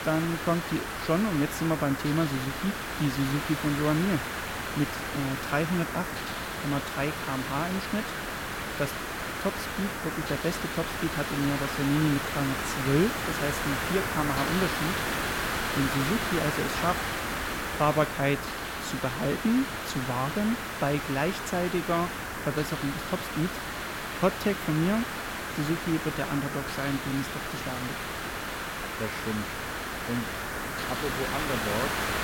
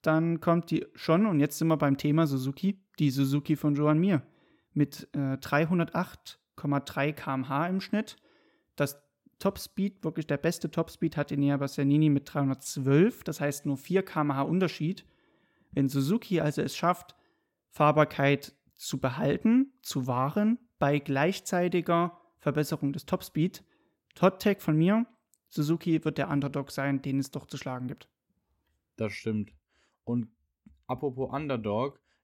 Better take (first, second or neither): second